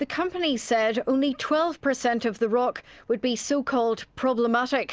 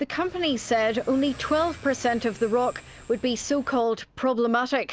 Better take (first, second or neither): first